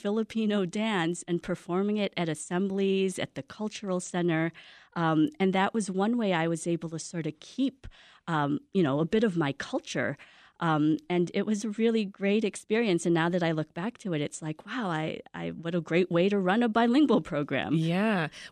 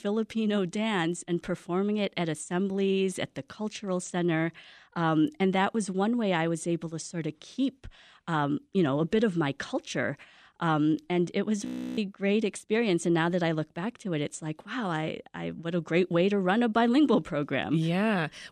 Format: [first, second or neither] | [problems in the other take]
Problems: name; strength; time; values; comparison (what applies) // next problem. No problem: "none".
first | audio freezing; at 12 s